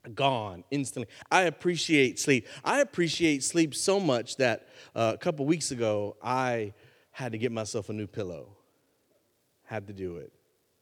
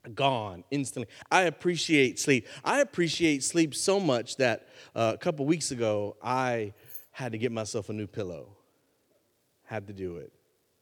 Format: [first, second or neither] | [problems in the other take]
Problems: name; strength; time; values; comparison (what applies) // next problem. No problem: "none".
first | jangling keys; faint; at 7 s; peak 15 dB below the speech